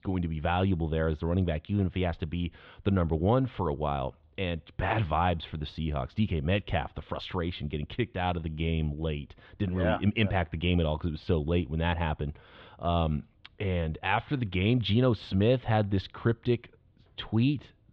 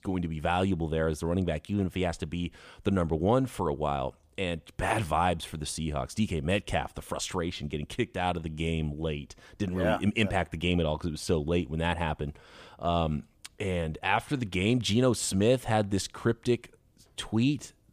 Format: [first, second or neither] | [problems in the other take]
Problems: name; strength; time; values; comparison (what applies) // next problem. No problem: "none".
second | muffled; slightly; fading above 3.5 kHz